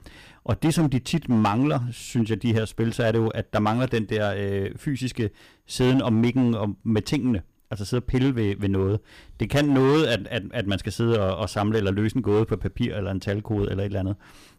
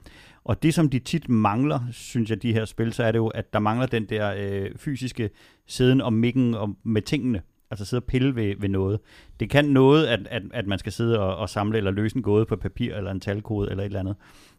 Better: second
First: distortion; slight; 6% of the sound clipped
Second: none

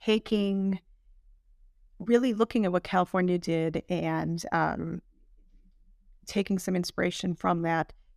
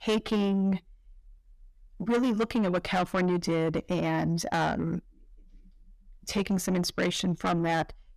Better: first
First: none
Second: distortion; heavy; 7 dB below the speech

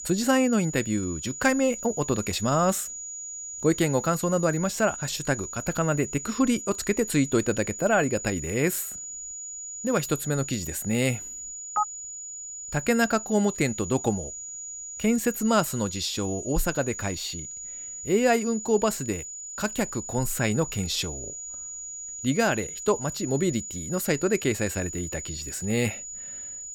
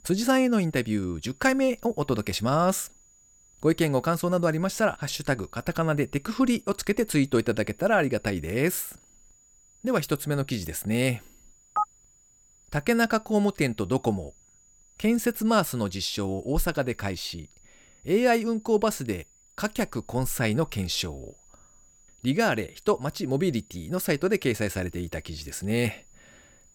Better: second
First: high-pitched whine; loud; throughout; 7 kHz, 8 dB below the speech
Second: high-pitched whine; faint; throughout; 7 kHz, 30 dB below the speech

